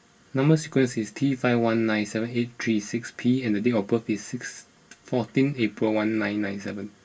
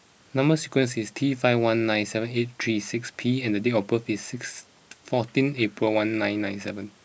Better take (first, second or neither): second